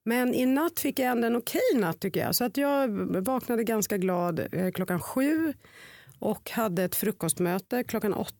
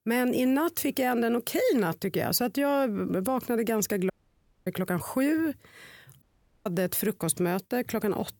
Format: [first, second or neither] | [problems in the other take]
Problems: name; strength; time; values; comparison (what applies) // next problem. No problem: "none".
first | audio cutting out; at 4 s for 0.5 s and at 6 s